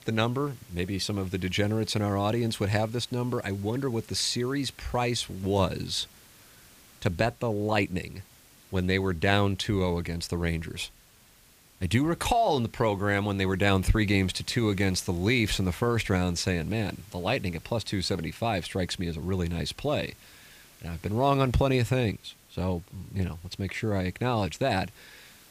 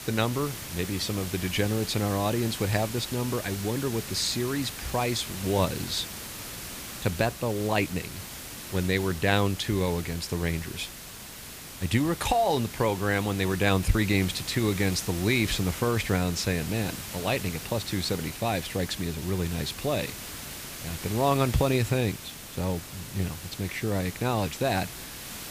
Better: first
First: hiss; faint; throughout; 25 dB below the speech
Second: hiss; loud; throughout; 9 dB below the speech

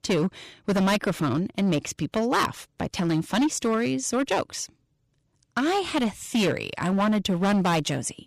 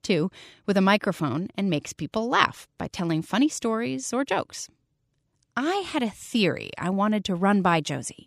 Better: second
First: distortion; heavy; 11% of the sound clipped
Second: none

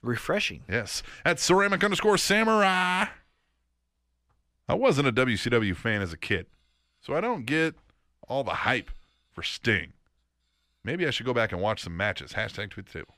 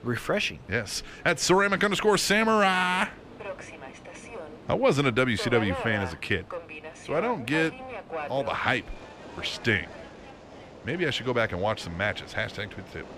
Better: first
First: none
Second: train or aircraft noise; noticeable; throughout; 15 dB below the speech

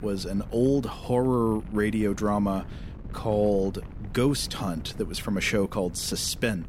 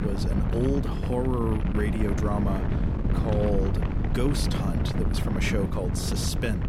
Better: first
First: wind noise on the microphone; occasional gusts; 20 dB below the speech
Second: wind noise on the microphone; heavy; 4 dB below the speech

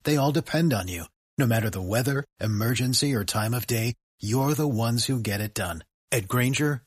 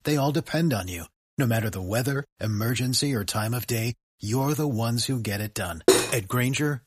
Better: first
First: none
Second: clattering dishes; loud; at 6 s; peak 6 dB above the speech

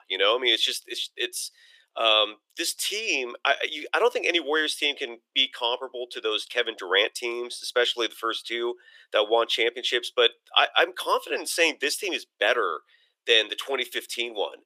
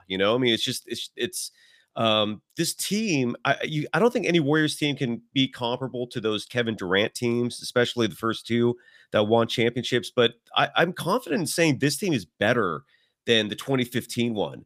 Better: second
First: thin; very; fading below 350 Hz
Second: none

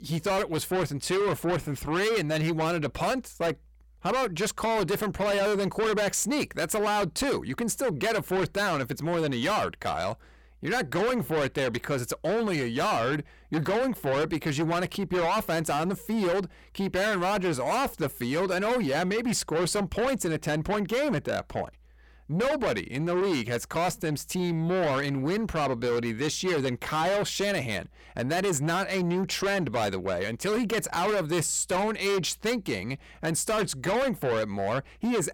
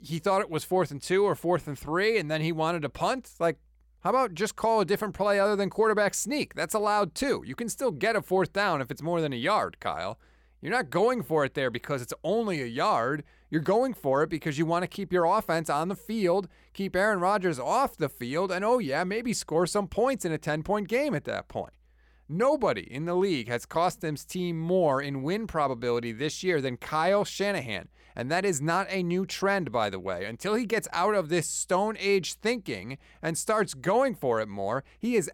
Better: second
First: distortion; heavy; 7 dB below the speech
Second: none

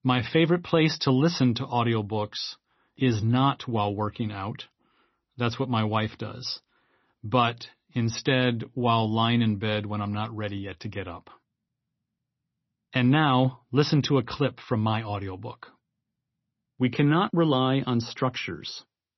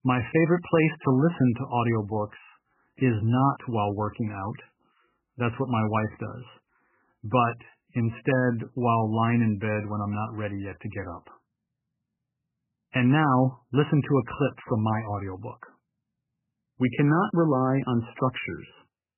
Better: first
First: garbled, watery; slightly; nothing above 6 kHz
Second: garbled, watery; badly; nothing above 3 kHz

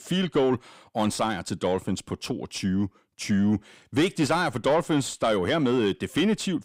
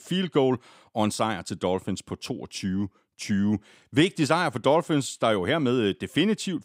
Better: second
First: distortion; slight; 10 dB below the speech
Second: none

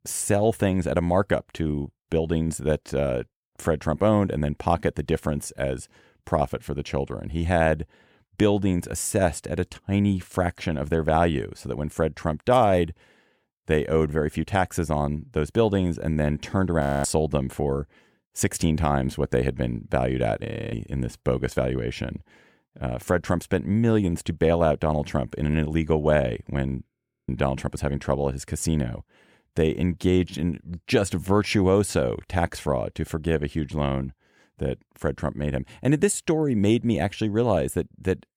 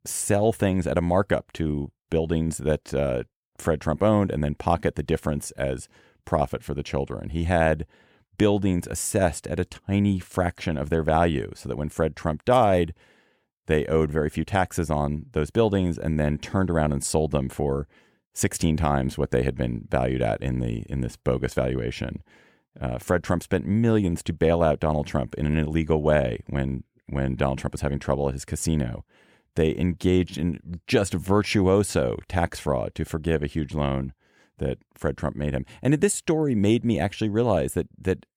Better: second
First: audio freezing; at 17 s, at 20 s and at 27 s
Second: none

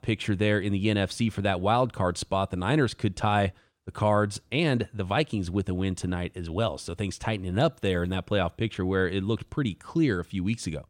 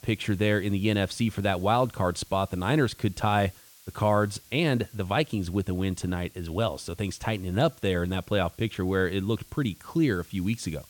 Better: first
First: none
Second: hiss; faint; throughout; 25 dB below the speech

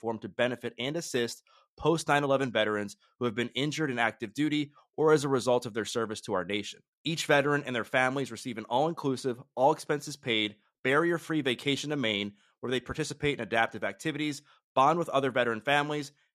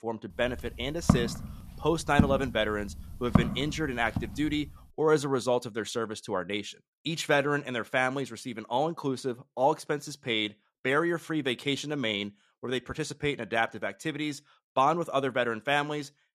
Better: first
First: none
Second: footsteps; loud; from 1 to 4 s; peak 3 dB above the speech

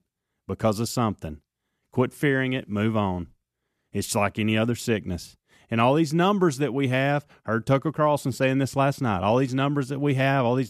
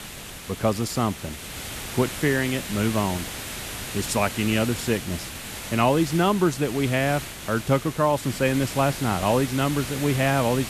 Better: first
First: none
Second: hiss; loud; throughout; 9 dB below the speech

